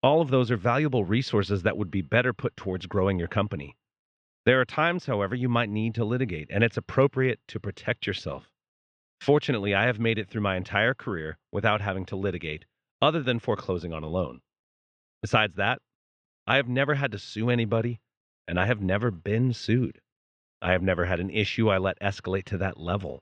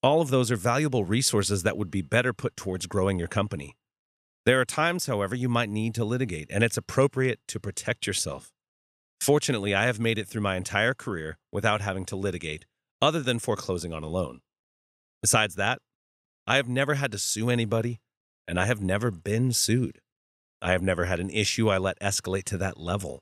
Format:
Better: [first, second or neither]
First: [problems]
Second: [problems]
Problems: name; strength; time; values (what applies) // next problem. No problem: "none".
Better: second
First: muffled; very; fading above 3.5 kHz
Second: none